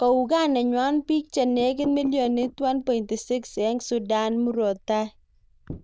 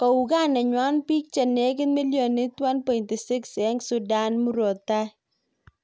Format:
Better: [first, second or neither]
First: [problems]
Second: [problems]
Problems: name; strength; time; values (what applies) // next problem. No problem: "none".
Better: second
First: noise reduction (neural diffusion model UNIVERSE++)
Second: none